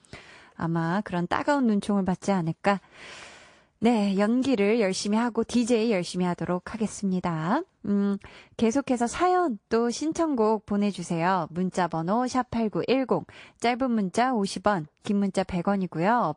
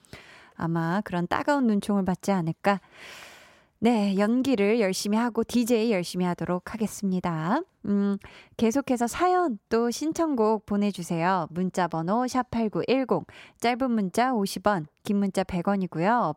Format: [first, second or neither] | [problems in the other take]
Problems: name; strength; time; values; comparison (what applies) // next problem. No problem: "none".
second | garbled, watery; slightly